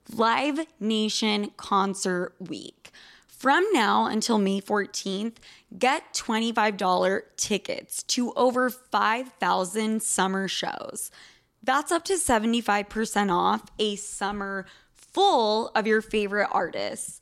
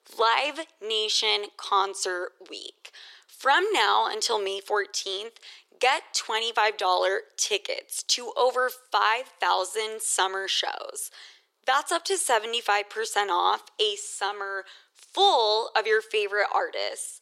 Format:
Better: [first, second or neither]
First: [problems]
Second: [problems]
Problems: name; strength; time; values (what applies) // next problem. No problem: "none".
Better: first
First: none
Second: thin; very; fading below 400 Hz